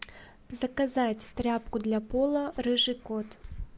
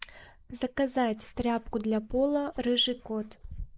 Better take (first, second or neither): first